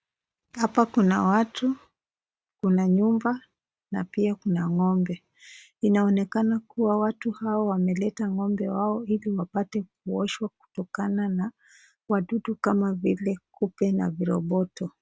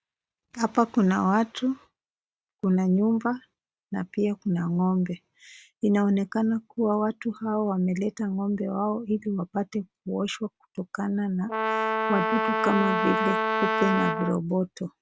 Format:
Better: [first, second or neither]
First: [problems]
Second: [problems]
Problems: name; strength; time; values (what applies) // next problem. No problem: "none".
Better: first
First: none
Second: background sound (Brass instrument); as loud as the speech